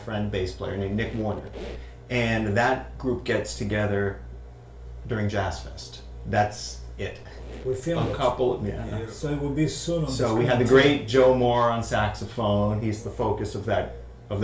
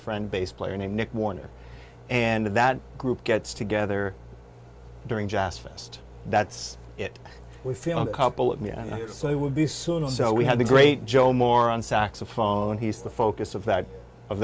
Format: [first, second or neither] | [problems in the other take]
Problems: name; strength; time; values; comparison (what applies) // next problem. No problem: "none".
second | background sound (Squeak); 19 dB below the speech // room echo; dies away in 0.4 s